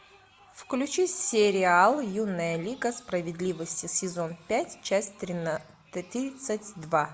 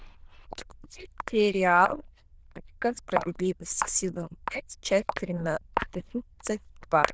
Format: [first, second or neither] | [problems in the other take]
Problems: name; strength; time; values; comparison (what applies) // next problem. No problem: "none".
first | noise reduction (neural diffusion model UNIVERSE++)